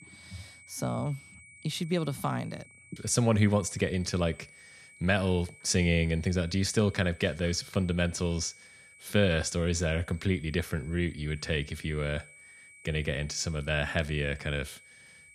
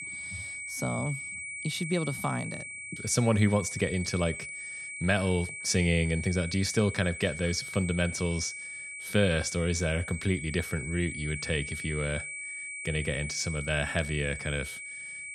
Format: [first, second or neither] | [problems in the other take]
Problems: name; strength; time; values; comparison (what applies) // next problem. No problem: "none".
first | high-pitched whine; loud; throughout; 2.5 kHz, 7 dB below the speech; faint in the first